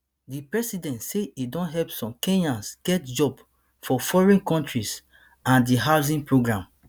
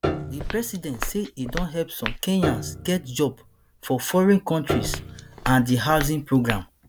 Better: first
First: none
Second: background sound (Walk, footsteps + Piano); 7 dB below the speech

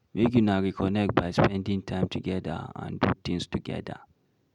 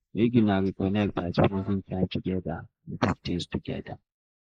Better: first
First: none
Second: noise reduction (neural mask model Resemble Enhance denoiser)

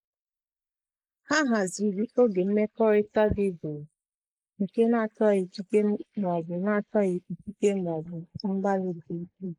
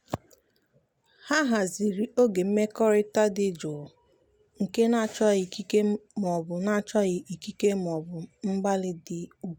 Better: second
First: noise reduction (neural mask model Resemble Enhance denoiser)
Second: none

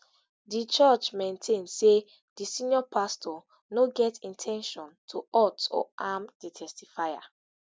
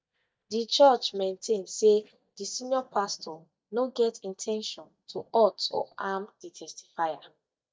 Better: first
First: none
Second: noise reduction (neural mask model DeepFilterNet 3)

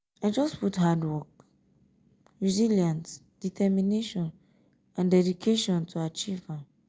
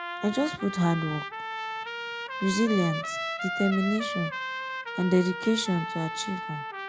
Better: first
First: none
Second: background sound (Trumpet); 5 dB below the speech

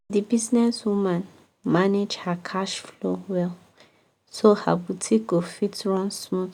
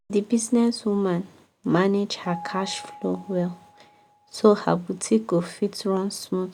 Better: first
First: none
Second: background sound (Piano); 19 dB below the speech

